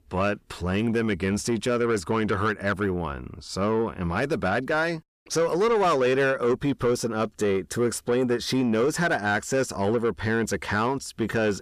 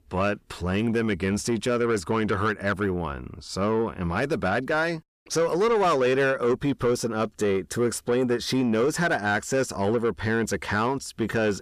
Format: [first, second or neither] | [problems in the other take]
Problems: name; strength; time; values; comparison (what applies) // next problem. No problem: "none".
neither | distortion; slight; 10 dB below the speech; the same in both